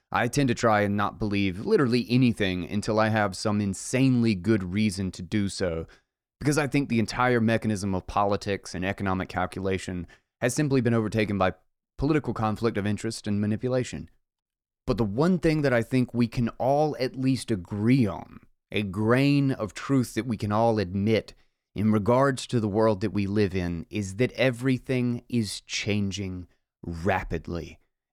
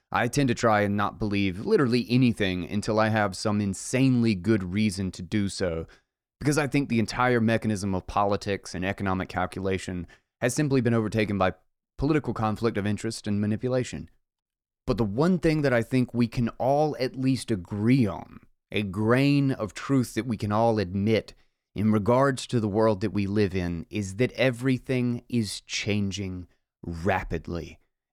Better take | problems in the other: neither | none

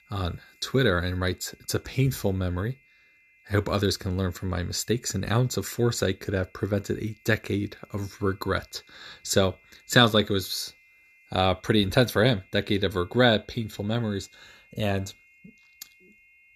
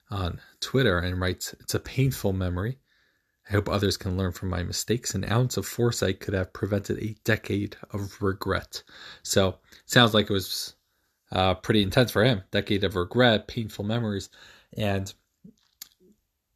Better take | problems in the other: second | high-pitched whine; faint; throughout; 2 kHz, 30 dB below the speech

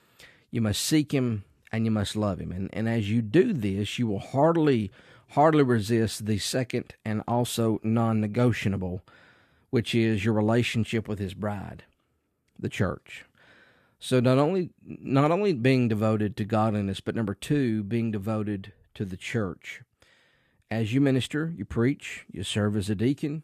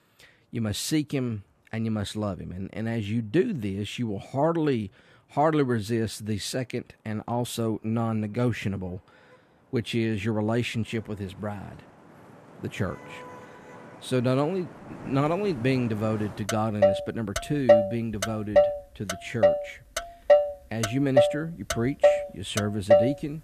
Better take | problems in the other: first | traffic noise; very loud; throughout; 4 dB above the speech

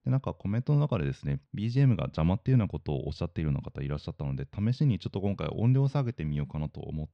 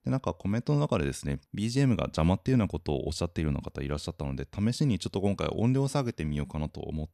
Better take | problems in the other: second | muffled; very slightly; fading above 4 kHz

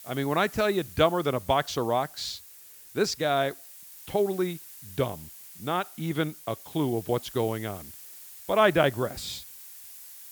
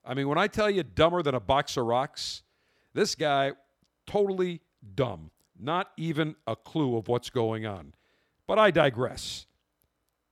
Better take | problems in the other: second | hiss; noticeable; throughout; 15 dB below the speech

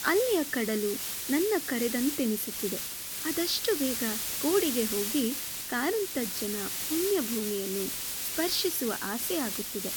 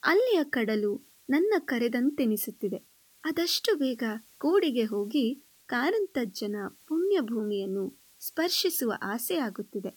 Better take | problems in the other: second | hiss; loud; throughout; 1 dB below the speech; faint in the second

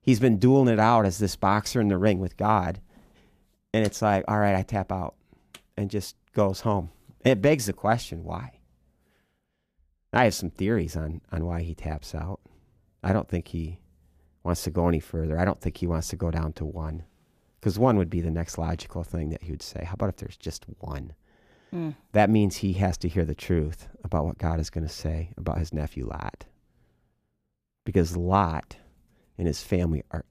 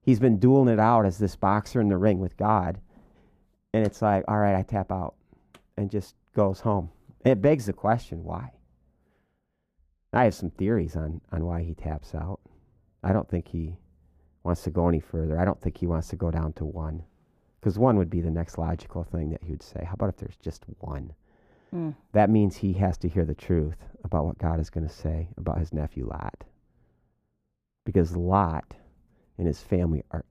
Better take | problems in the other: first | muffled; slightly; fading above 2 kHz

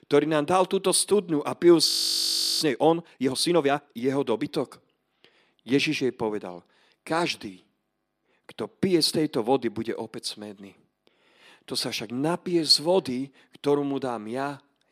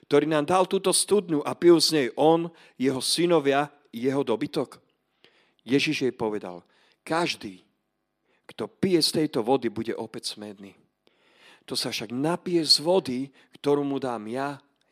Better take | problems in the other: second | audio freezing; at 2 s for 0.5 s

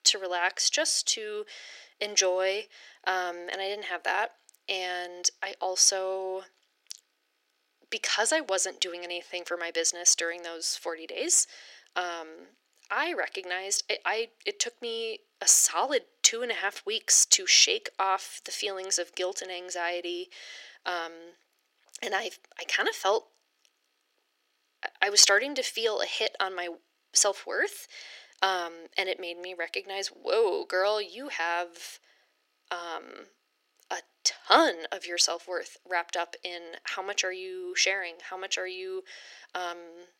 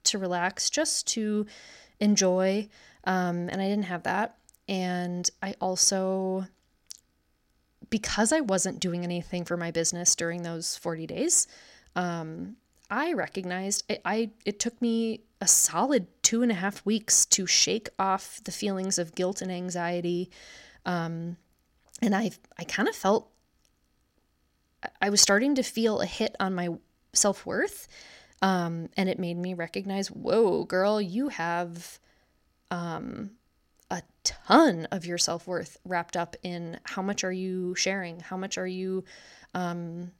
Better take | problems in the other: second | thin; very; fading below 350 Hz

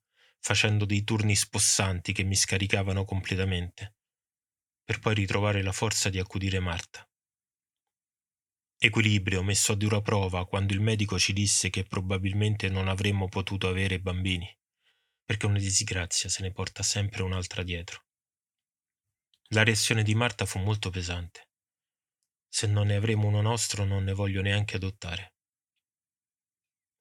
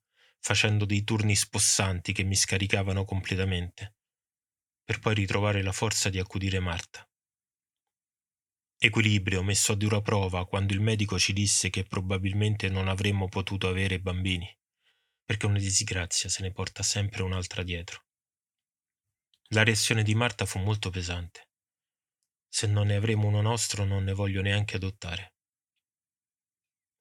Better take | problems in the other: neither | none

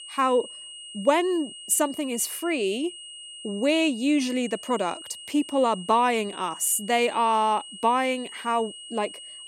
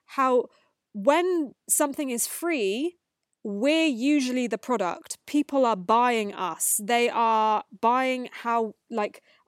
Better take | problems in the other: second | high-pitched whine; noticeable; throughout; 3 kHz, 15 dB below the speech

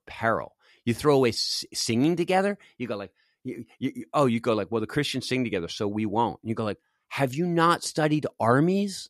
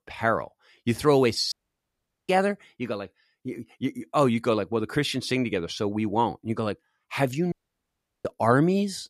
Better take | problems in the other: first | audio cutting out; at 1.5 s for 1 s and at 7.5 s for 0.5 s

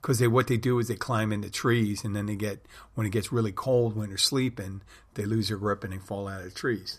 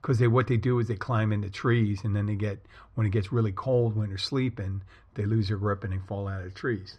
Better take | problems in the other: first | muffled; very slightly; fading above 3 kHz

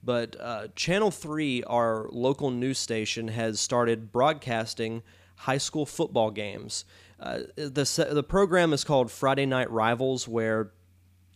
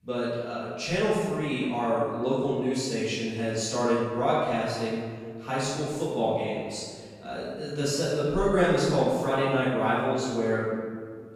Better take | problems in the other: first | off-mic speech; far // room echo; strong; dies away in 1.6 s

